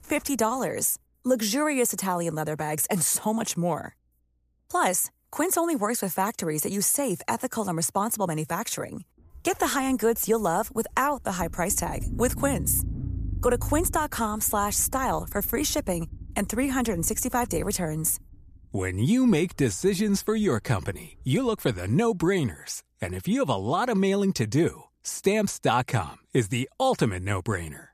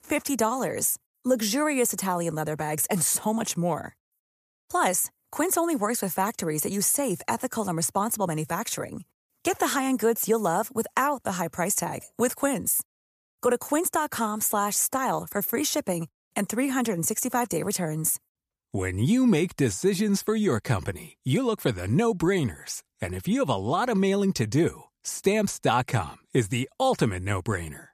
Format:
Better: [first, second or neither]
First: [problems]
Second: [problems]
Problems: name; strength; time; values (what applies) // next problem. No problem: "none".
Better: second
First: low rumble; faint; throughout; 20 dB below the speech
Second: none